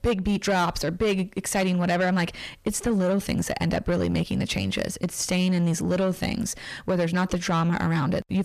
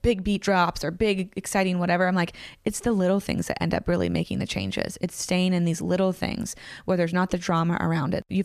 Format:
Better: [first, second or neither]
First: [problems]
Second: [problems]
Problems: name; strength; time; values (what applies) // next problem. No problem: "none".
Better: second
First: distortion; slight; 10 dB below the speech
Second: none